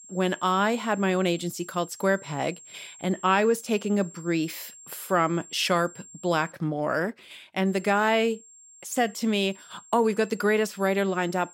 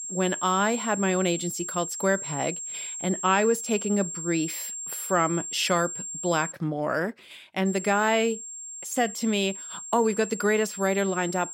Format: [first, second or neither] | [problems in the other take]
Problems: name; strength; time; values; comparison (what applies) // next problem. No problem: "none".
first | high-pitched whine; loud; until 6.5 s and from 7.5 s on; 7.5 kHz, 7 dB below the speech; faint in the first